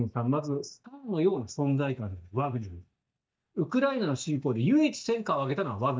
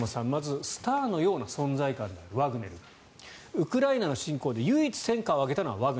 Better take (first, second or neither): second